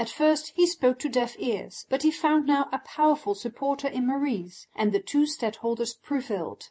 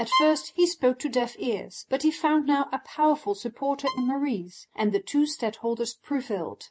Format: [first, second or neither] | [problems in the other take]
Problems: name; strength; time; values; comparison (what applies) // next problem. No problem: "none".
first | noise reduction (neural mask model RNNoise)